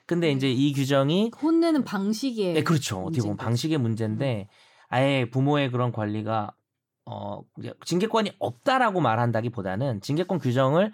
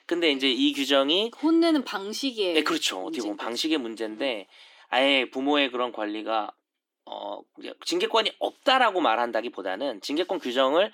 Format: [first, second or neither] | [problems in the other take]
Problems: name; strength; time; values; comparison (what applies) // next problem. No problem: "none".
first | thin; very slightly; fading below 300 Hz